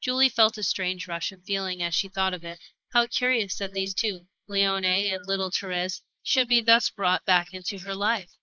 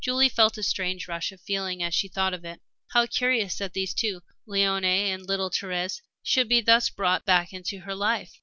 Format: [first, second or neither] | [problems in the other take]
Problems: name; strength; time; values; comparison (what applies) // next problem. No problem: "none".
second | noise reduction (neural mask model Resemble Enhance denoiser)